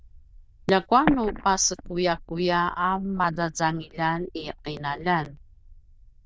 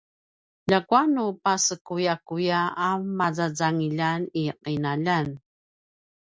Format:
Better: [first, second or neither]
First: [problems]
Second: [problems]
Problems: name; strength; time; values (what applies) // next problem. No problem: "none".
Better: second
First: noise reduction (neural diffusion model UNIVERSE++)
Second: none